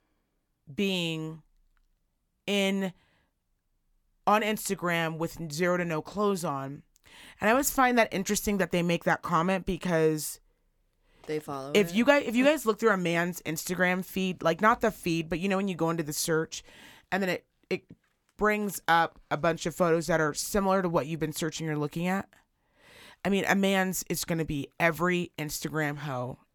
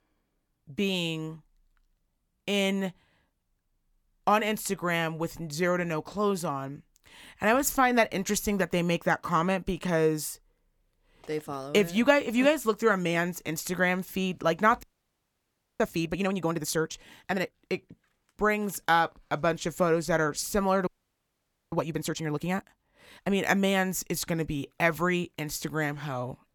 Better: first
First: none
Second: audio freezing; at 15 s for 1 s and at 21 s for 1 s

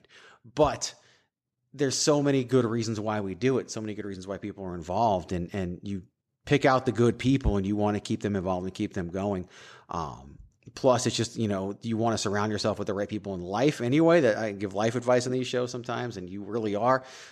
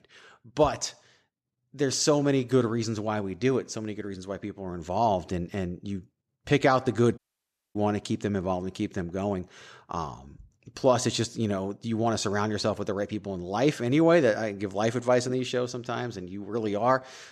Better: first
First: none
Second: audio cutting out; at 7 s for 0.5 s

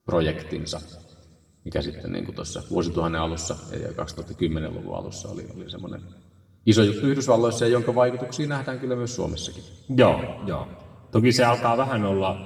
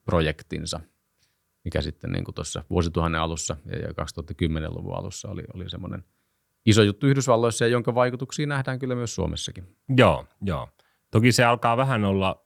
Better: second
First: room echo; slight; dies away in 1.3 s // off-mic speech; somewhat distant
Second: none

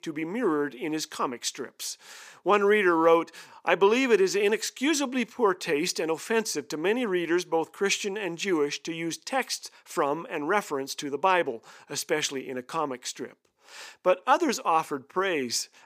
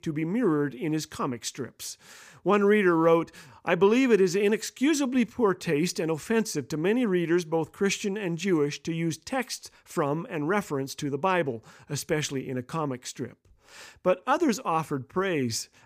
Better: second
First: thin; somewhat; fading below 350 Hz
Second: none

